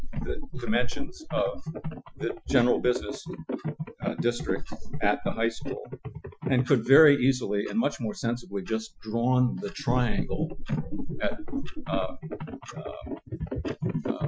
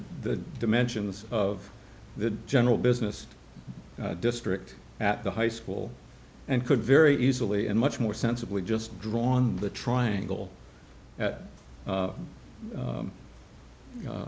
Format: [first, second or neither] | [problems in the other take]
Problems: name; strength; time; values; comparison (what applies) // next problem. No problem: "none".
second | noise reduction (classical method Wiener filter)